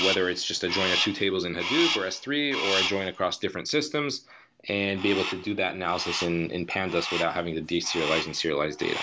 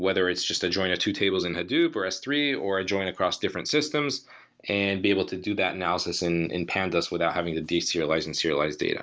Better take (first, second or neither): second